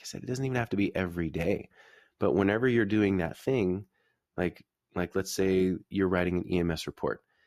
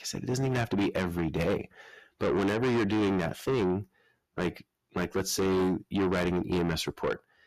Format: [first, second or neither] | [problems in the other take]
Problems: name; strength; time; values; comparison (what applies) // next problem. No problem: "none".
first | distortion; heavy; 6 dB below the speech